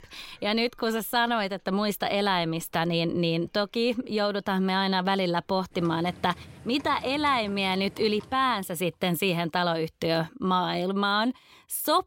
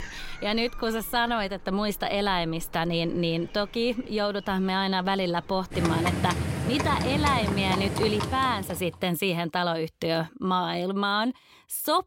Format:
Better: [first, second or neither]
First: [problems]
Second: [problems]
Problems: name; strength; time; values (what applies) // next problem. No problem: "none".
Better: first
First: animal sounds; faint; until 8.5 s; 20 dB below the speech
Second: animal sounds; loud; until 8.5 s; 3 dB below the speech